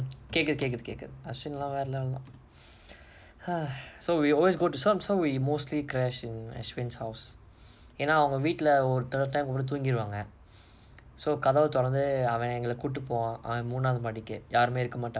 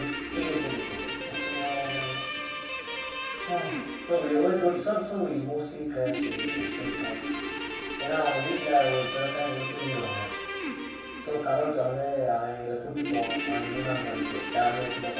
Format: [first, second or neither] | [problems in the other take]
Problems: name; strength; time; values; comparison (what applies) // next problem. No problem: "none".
first | background sound (Guitar); 4 dB below the speech // room echo; dies away in 0.7 s